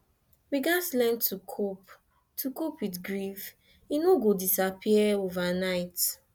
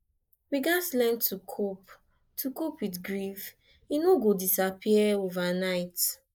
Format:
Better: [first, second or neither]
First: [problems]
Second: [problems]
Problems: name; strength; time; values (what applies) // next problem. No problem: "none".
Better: first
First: none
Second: noise reduction (neural mask model Resemble Enhance denoiser)